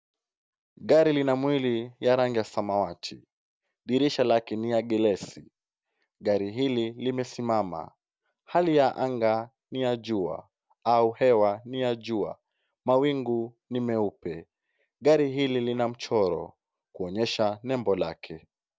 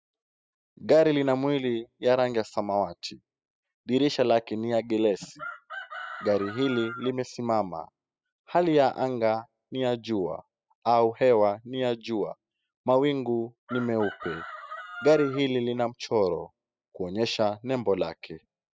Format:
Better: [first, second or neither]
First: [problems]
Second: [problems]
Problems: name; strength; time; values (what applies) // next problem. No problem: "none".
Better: first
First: none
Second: noise reduction (classical method spectral subtraction)